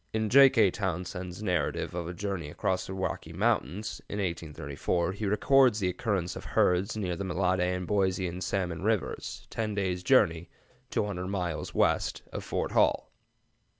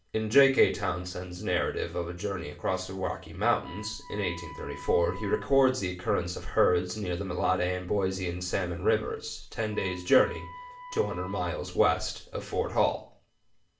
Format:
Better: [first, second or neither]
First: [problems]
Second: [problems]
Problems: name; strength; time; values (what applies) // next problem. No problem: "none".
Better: first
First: none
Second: background sound (Wind instrument, woodwind instrument); 18 dB below the speech // room echo; dies away in 0.4 s